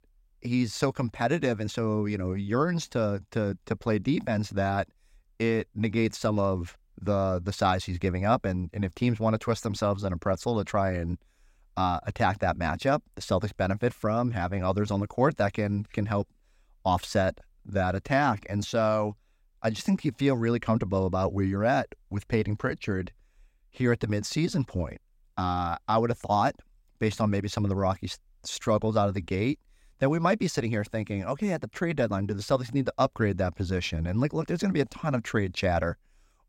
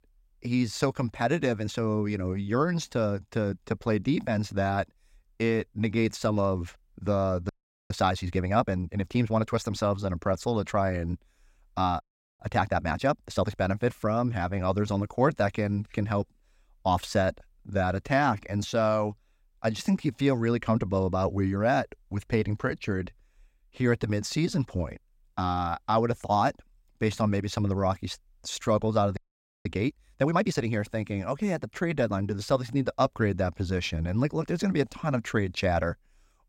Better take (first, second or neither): first